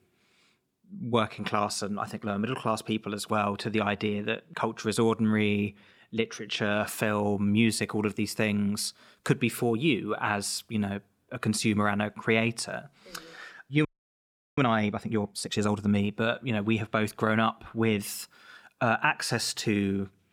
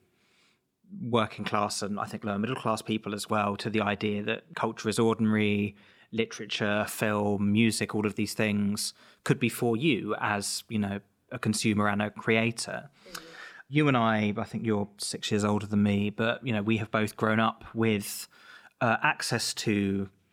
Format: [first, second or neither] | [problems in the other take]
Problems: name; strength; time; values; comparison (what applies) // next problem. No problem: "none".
second | audio freezing; at 14 s for 0.5 s